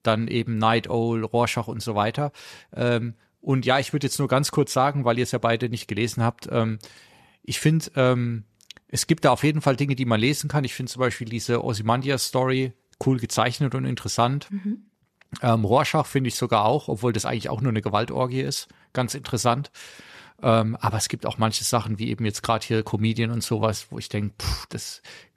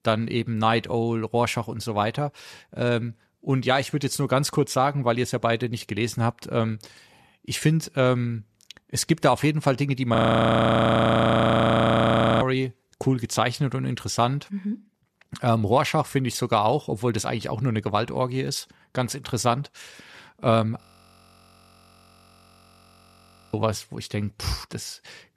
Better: first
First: none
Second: audio freezing; at 10 s for 2.5 s and at 21 s for 2.5 s

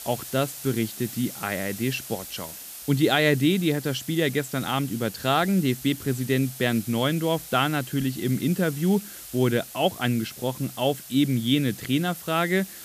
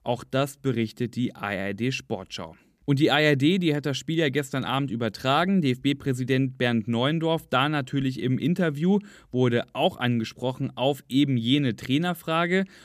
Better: second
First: hiss; noticeable; throughout; 15 dB below the speech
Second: none

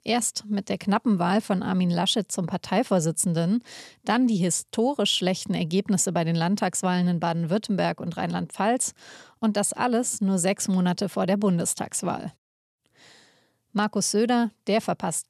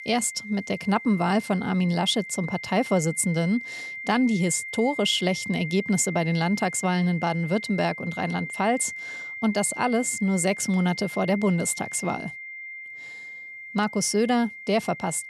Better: first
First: none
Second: high-pitched whine; noticeable; throughout; 2 kHz, 10 dB below the speech

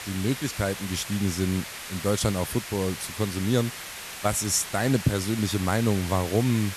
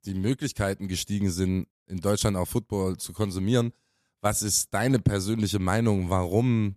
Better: second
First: hiss; loud; throughout; 9 dB below the speech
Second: none

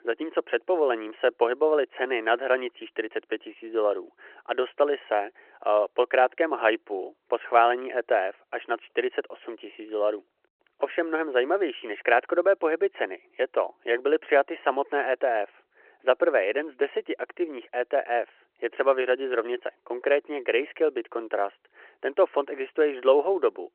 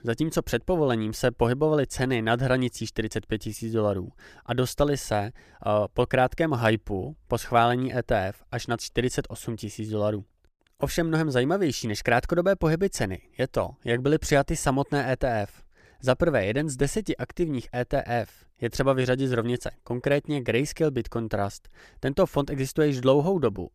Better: second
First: phone-call audio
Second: none

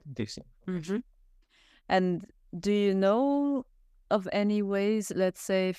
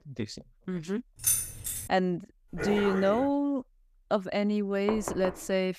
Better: first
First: none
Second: jangling keys; loud; at 1 s; peak 4 dB above the speech // dog barking; noticeable; at 2.5 s; peak 3 dB below the speech // door banging; noticeable; at 5 s; peak 7 dB below the speech

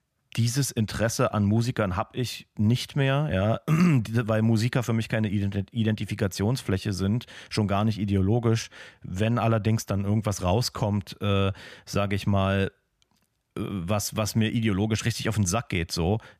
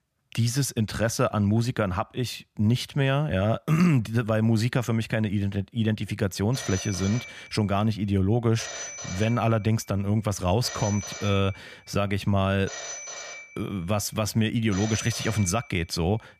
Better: first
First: none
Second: phone ringing; noticeable; from 6.5 to 16 s; peak 8 dB below the speech

